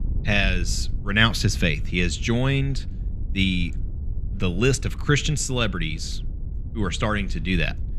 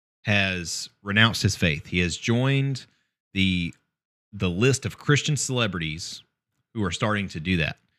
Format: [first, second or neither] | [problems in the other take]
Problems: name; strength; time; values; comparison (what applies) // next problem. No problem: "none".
second | wind noise on the microphone; occasional gusts; 25 dB below the speech